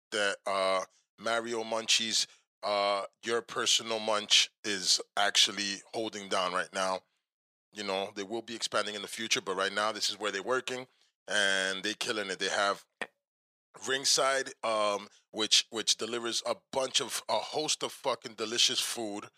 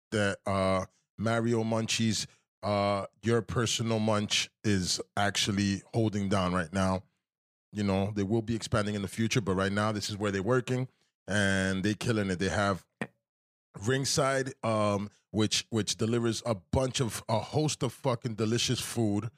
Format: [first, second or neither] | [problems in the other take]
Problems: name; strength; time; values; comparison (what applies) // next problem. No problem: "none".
second | thin; very; fading below 500 Hz